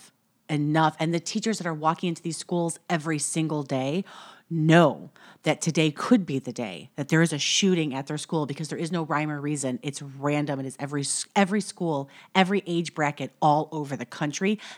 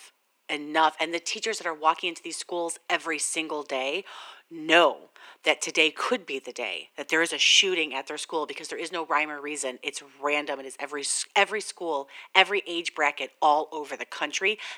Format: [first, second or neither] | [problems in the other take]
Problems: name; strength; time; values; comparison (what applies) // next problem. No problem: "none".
first | thin; very; fading below 400 Hz